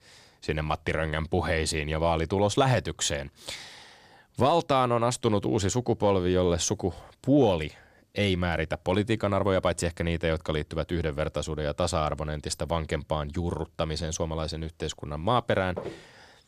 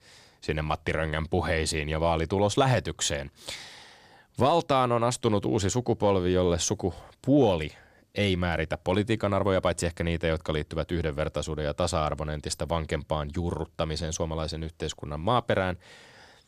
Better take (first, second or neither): second